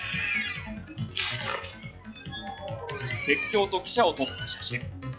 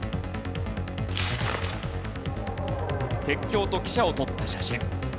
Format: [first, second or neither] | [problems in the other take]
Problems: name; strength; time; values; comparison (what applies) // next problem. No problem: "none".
second | noise reduction (classical method log-MMSE)